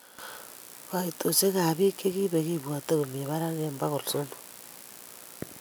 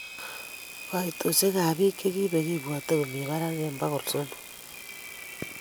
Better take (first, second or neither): first